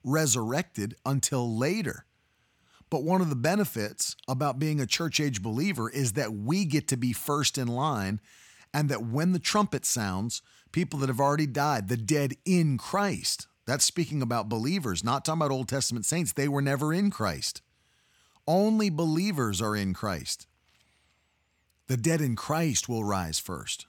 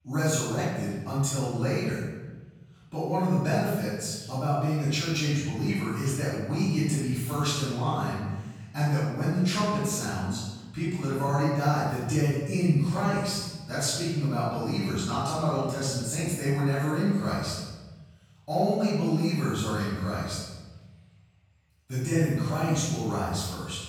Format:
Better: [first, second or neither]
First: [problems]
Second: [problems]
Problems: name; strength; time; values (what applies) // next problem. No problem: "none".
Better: first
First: none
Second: room echo; strong; dies away in 1.3 s // off-mic speech; far